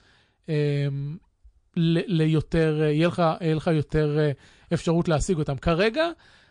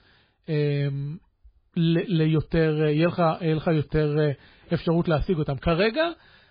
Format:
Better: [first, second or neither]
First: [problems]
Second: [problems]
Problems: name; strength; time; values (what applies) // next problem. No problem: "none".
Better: first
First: garbled, watery; slightly; nothing above 9 kHz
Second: garbled, watery; badly; nothing above 4.5 kHz